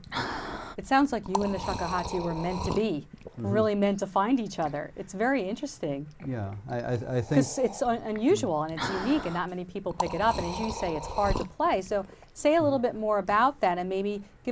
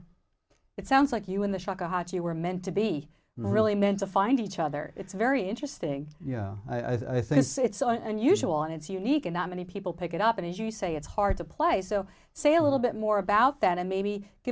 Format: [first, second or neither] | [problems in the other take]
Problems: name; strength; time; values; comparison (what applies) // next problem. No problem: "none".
second | background sound (Liquid); 11 dB below the speech